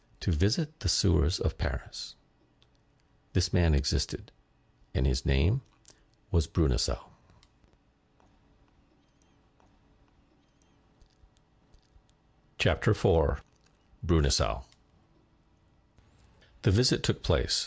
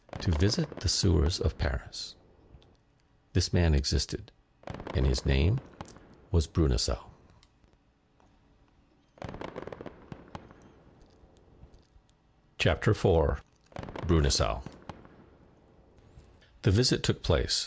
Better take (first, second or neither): first